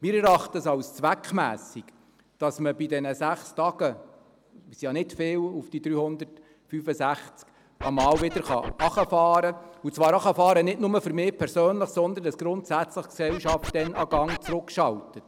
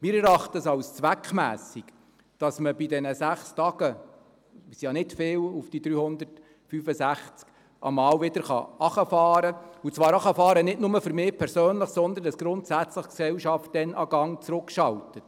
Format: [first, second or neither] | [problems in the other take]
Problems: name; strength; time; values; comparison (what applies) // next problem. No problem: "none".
second | background sound (Scratching (performance technique)); 8 dB below the speech